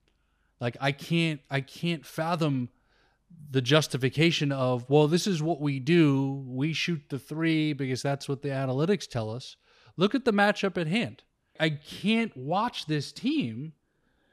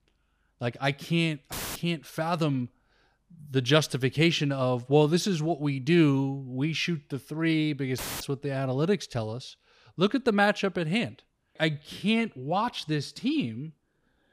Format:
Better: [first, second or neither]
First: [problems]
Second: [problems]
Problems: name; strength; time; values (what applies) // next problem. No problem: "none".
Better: first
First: none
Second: audio cutting out; filled with static; at 1.5 s and at 8 s